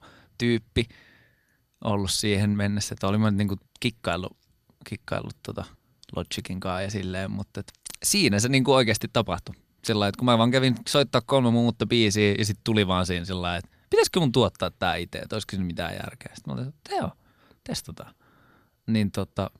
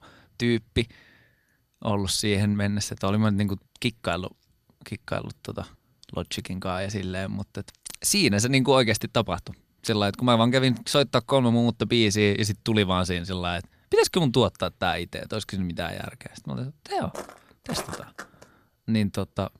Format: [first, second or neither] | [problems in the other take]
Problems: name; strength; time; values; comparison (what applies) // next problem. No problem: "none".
first | footsteps; faint; from 17 to 18 s; peak 10 dB below the speech